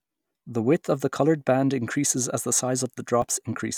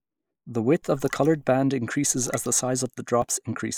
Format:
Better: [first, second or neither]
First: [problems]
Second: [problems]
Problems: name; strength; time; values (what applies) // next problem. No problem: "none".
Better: first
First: none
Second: noise reduction (neural mask model Resemble Enhance denoiser)